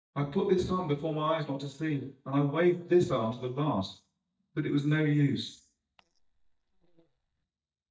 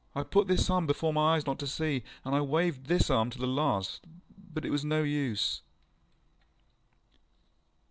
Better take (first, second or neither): second